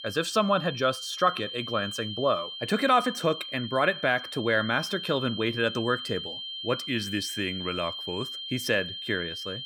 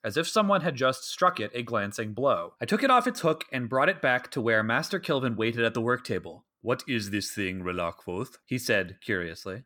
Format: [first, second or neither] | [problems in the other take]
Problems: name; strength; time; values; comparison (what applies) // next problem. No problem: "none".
second | high-pitched whine; loud; throughout; 3 kHz, 7 dB below the speech